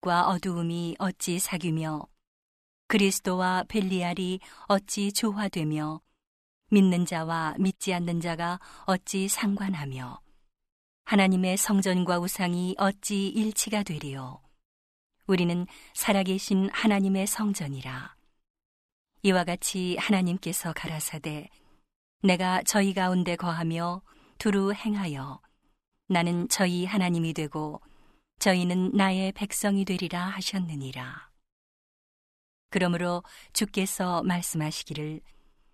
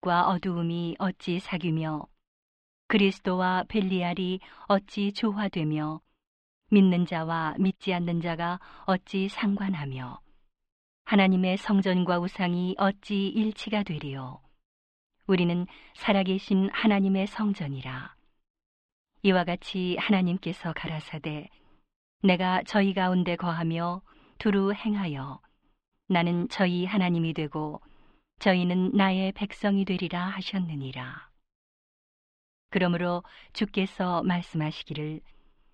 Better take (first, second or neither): first